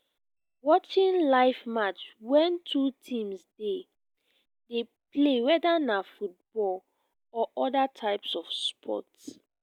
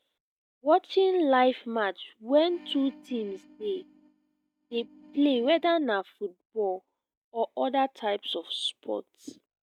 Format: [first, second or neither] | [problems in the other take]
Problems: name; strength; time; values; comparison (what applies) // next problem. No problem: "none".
first | noise reduction (neural mask model RNNoise)